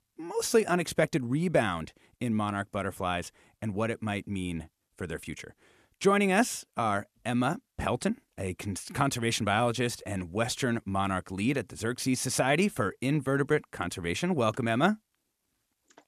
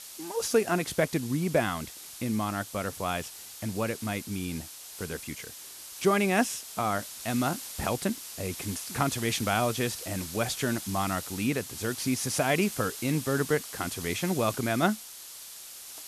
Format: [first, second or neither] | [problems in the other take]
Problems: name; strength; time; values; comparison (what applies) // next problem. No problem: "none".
first | hiss; loud; throughout; 9 dB below the speech